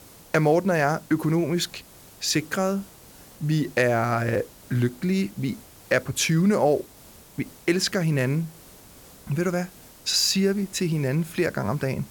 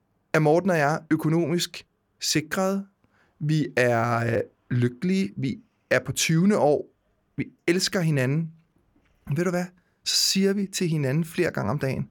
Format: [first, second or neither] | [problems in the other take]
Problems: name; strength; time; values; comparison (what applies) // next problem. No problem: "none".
second | hiss; faint; throughout; 25 dB below the speech